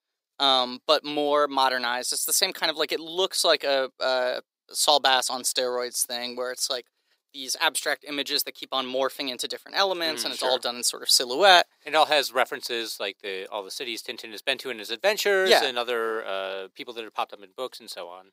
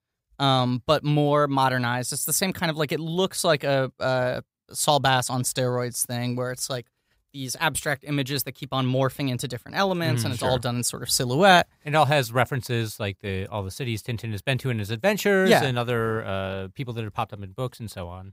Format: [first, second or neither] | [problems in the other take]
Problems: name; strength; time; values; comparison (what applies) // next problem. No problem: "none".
second | thin; somewhat; fading below 350 Hz